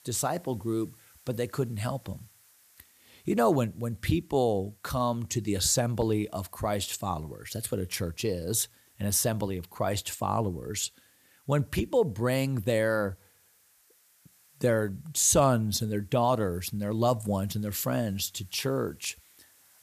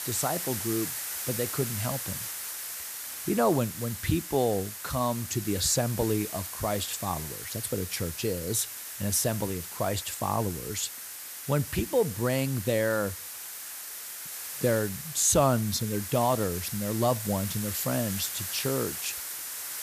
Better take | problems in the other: first | hiss; loud; throughout; 6 dB below the speech; faint in the first

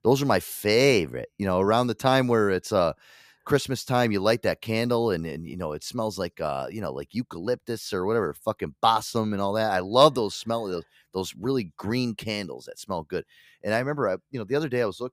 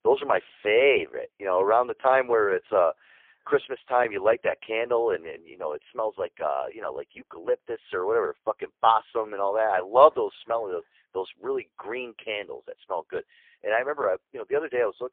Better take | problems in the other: first | phone-call audio; poor line

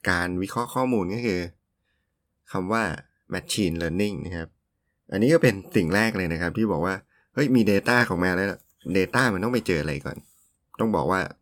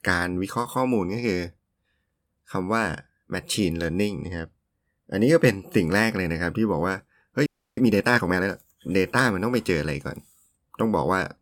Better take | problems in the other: first | audio freezing; at 7.5 s

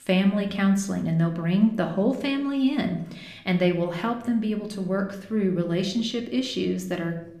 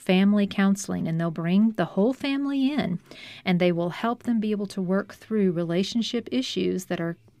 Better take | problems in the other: second | room echo; slight; dies away in 0.6 s

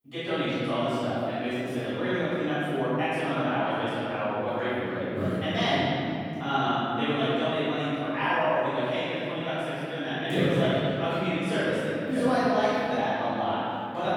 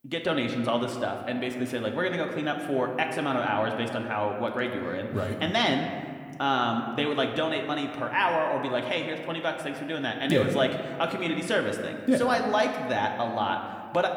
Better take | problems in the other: second | room echo; strong; dies away in 2.9 s; slight in the second // off-mic speech; far

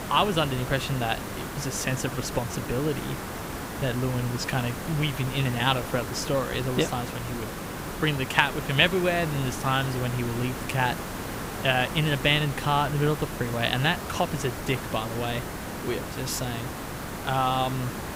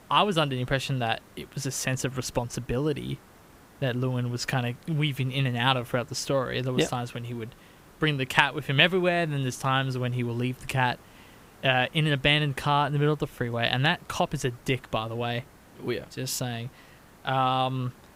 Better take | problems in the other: second | hiss; loud; throughout; 7 dB below the speech; faint in the second

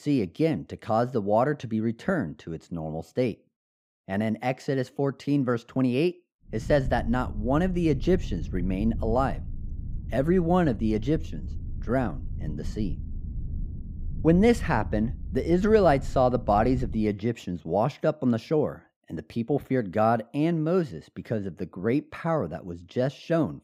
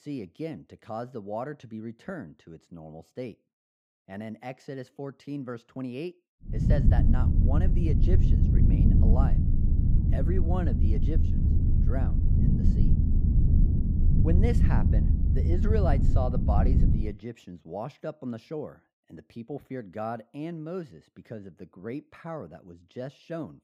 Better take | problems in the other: first | low rumble; loud; from 6.5 to 17 s; 1 dB below the speech; faint in the first

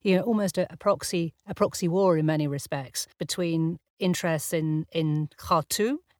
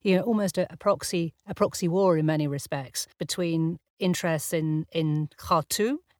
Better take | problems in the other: neither | none

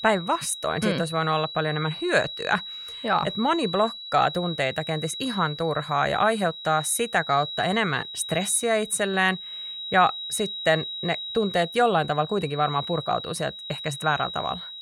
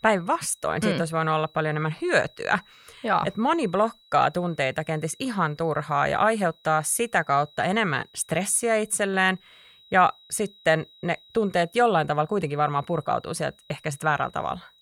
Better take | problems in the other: second | high-pitched whine; loud; throughout; 4 kHz, 9 dB below the speech; faint in the second

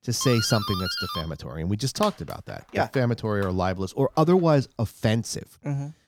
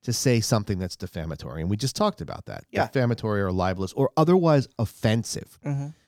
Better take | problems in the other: second | doorbell; noticeable; until 4.5 s; peak 3 dB below the speech

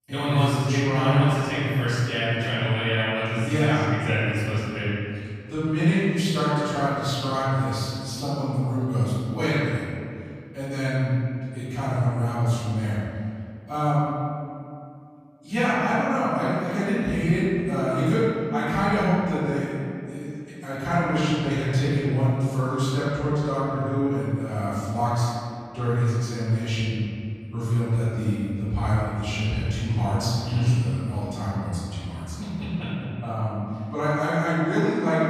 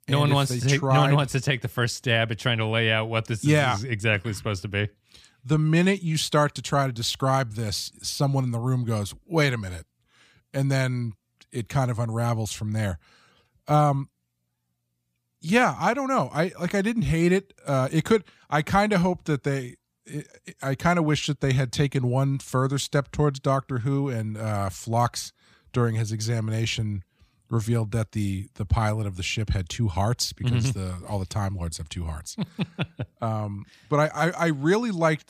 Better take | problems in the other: second | off-mic speech; far // room echo; strong; dies away in 2.3 s

